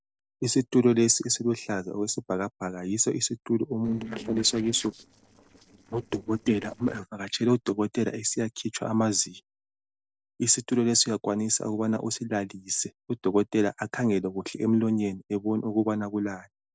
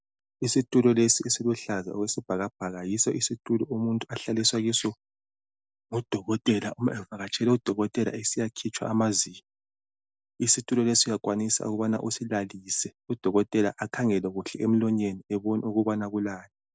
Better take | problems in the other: second | noise reduction (neural separator model SepFormer DNS4)

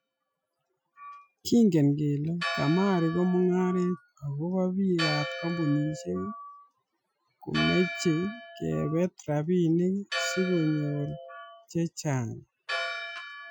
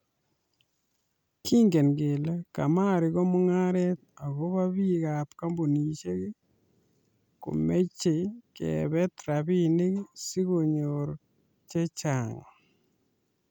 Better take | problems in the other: second | noise reduction (classical method Wiener filter)

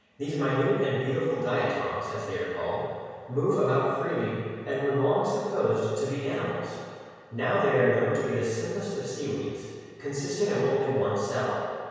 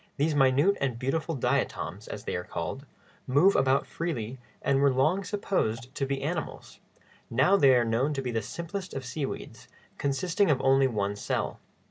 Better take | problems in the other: second | room echo; dies away in 1.9 s

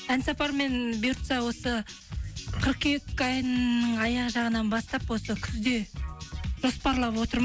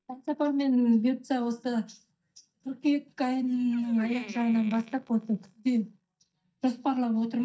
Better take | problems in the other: first | noise reduction (neural mask model DeepFilterNet 3)

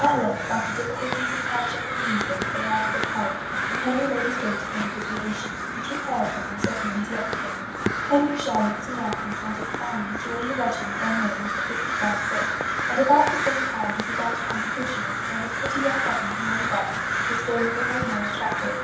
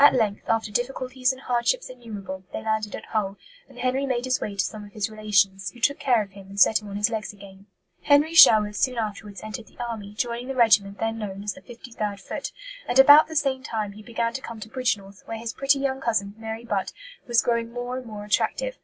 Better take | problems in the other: second | background sound (Crow); 1 dB above the speech // room echo; dies away in 2.4 s

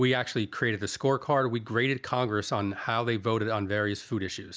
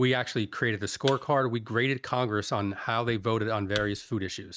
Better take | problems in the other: first | noise reduction (neural mask model RNNoise)

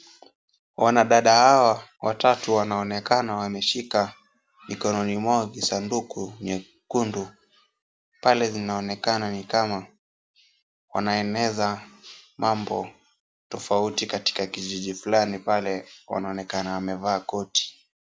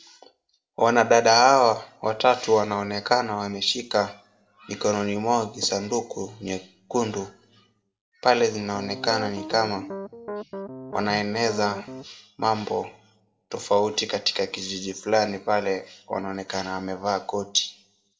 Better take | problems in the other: first | background sound (Piano); 10 dB below the speech // room echo; dies away in 0.3 s

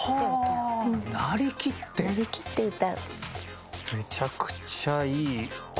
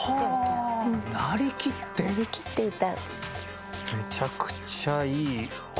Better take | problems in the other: first | background sound (Bowed string instrument); 13 dB below the speech

